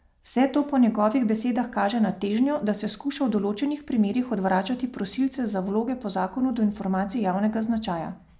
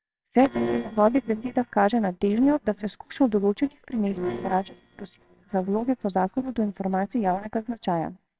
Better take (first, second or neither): first